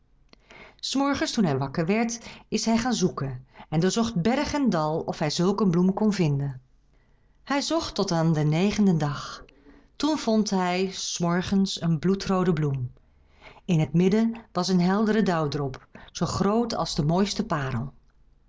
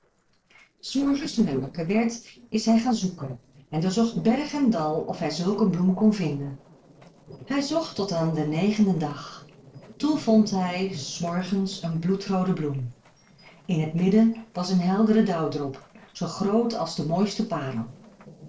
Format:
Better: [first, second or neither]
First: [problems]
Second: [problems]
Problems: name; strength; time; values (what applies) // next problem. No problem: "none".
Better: first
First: none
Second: noise reduction (neural separator model SepFormer DNS4)